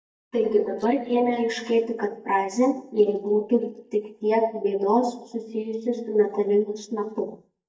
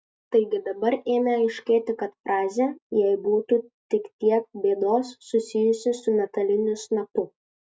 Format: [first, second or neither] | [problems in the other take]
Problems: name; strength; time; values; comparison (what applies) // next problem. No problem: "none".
second | noise reduction (neural mask model DeepFilterNet 3)